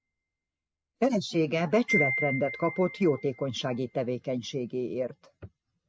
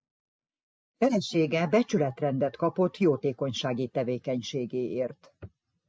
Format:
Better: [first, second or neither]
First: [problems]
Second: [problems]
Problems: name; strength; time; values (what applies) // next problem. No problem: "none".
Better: second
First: background sound (Wind chime); 8 dB below the speech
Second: none